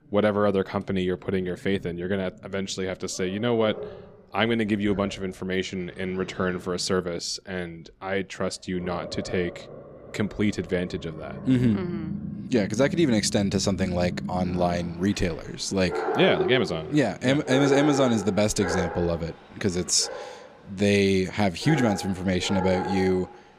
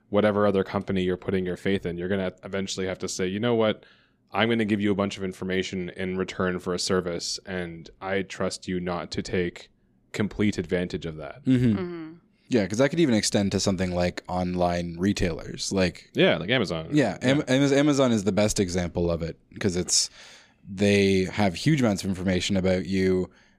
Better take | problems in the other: second | animal sounds; loud; throughout; 8 dB below the speech

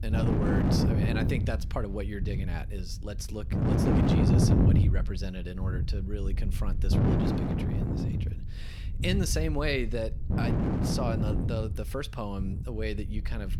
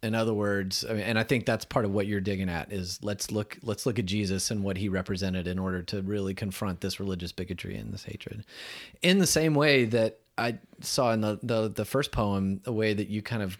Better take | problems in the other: second | wind noise on the microphone; heavy; 2 dB above the speech

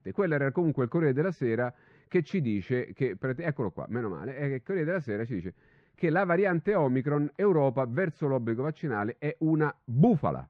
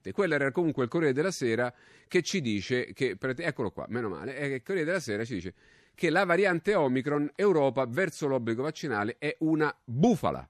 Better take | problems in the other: second | muffled; very; fading above 1.5 kHz

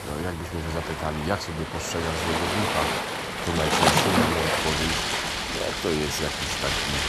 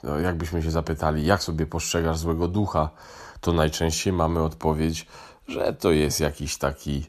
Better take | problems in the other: second | rain or running water; very loud; throughout; 5 dB above the speech

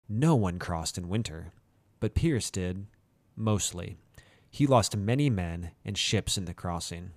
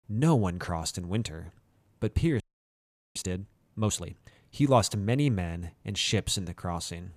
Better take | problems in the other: first | audio freezing; at 2.5 s for 1 s

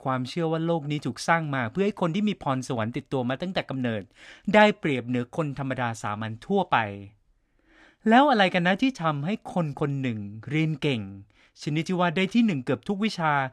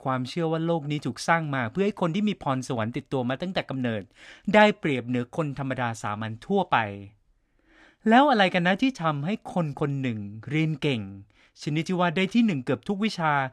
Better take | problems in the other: neither | none

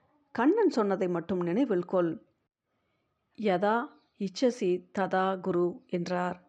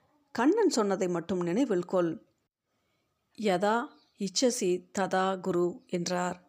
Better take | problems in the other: second | muffled; slightly; fading above 3 kHz

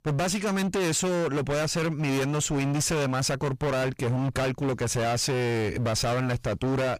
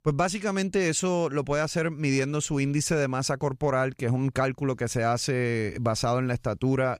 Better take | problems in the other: second | distortion; heavy; 39% of the sound clipped

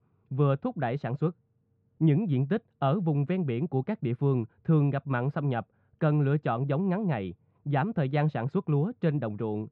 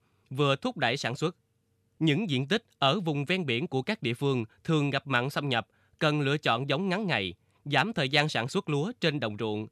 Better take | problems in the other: second | muffled; very; fading above 1 kHz

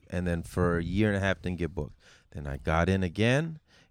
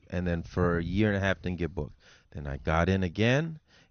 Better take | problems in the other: first | garbled, watery; slightly; nothing above 6.5 kHz

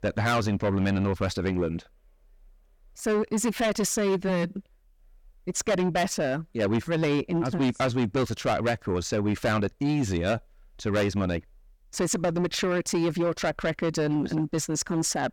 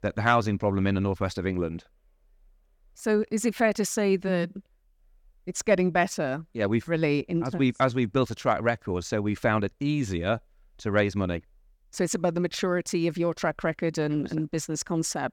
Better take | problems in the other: second | distortion; heavy; 8 dB below the speech

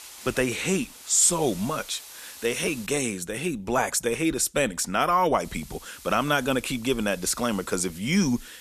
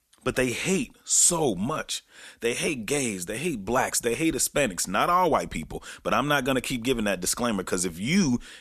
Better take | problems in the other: second | hiss; noticeable; until 3 s and from 5.5 s on; 20 dB below the speech

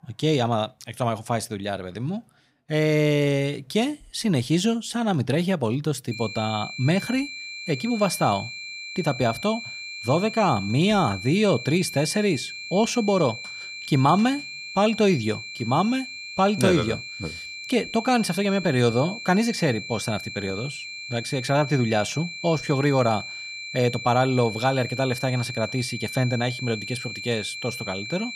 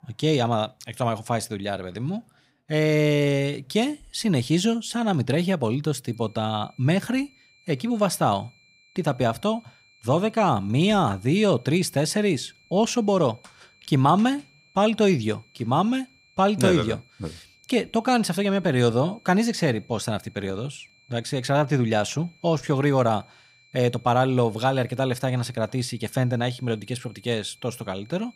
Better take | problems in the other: second | high-pitched whine; loud; from 6 s on; 2.5 kHz, 9 dB below the speech; faint in the second

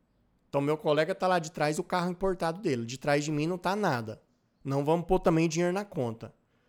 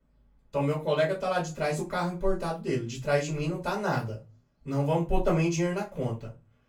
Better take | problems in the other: first | off-mic speech; far // room echo; very slight; dies away in 0.2 s

